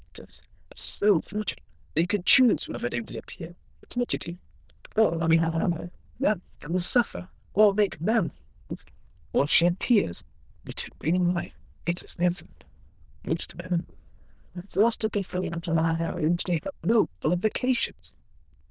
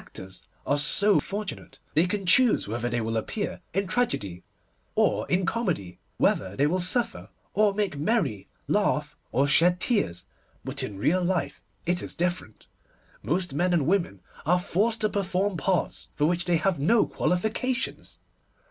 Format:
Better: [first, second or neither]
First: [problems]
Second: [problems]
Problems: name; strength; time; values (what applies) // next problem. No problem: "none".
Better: second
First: noise reduction (neural diffusion model UNIVERSE++)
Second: none